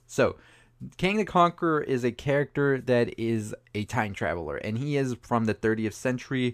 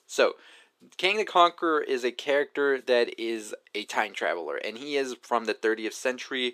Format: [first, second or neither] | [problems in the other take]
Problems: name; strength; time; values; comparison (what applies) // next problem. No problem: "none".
first | thin; somewhat; fading below 350 Hz